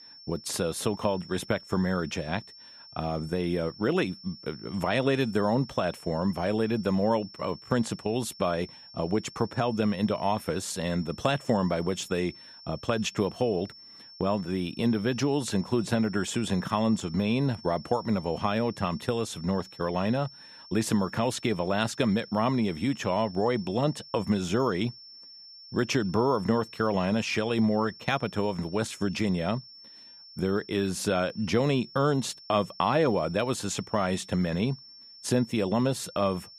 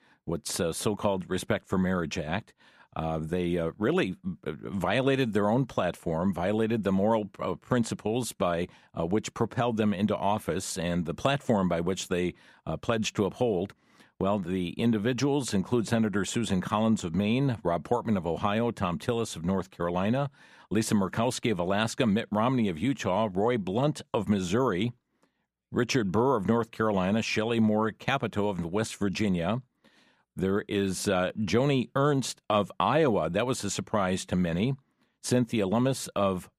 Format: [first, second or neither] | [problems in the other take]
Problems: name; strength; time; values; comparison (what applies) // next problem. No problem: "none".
second | high-pitched whine; noticeable; throughout; 5.5 kHz, 20 dB below the speech